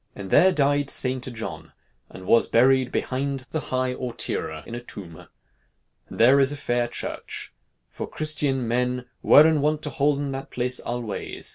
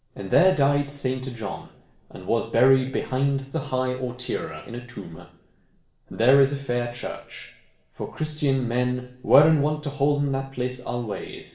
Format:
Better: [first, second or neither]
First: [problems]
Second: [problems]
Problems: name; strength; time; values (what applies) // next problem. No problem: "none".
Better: first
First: none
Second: room echo; dies away in 0.9 s